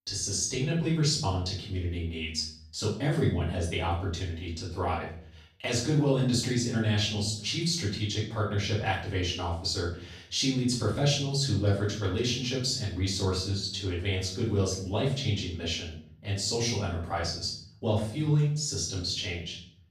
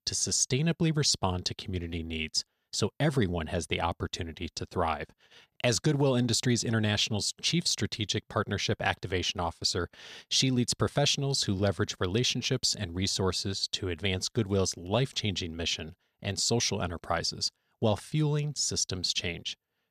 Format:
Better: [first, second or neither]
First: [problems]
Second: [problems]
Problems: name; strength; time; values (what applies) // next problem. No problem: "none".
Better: second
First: off-mic speech; far // room echo; noticeable; dies away in 0.5 s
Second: none